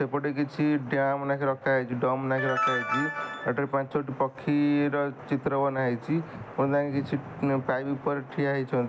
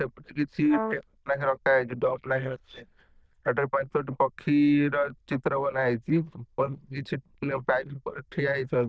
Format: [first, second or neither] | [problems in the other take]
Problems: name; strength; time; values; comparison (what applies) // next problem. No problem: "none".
first | noise reduction (neural diffusion model UNIVERSE++)